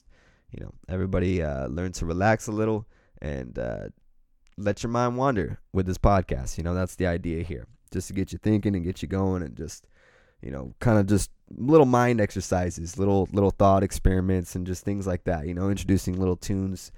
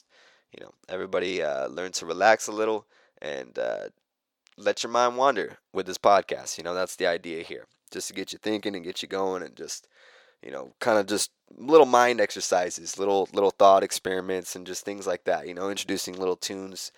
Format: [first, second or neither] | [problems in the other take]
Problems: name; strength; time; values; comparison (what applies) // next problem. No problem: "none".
first | thin; very; fading below 550 Hz